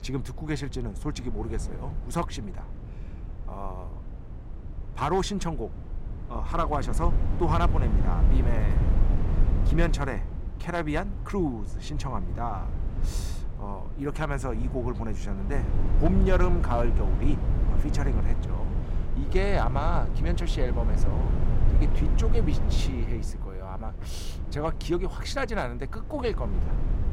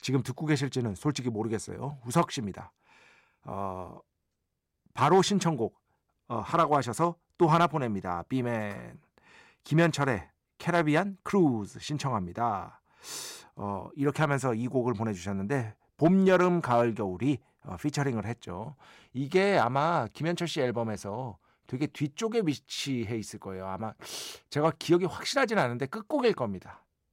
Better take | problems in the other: second | low rumble; loud; throughout; 10 dB below the speech

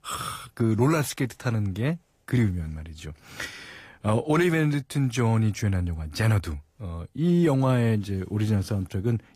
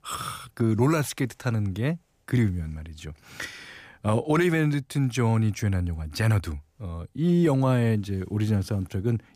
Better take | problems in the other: second | garbled, watery; slightly; nothing above 15 kHz

